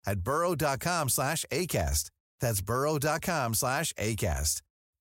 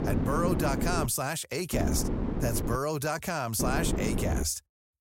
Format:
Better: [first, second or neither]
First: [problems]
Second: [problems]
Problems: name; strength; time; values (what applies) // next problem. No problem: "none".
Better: first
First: none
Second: wind noise on the microphone; heavy; until 1 s, from 1.5 to 3 s and at 3.5 s; 5 dB below the speech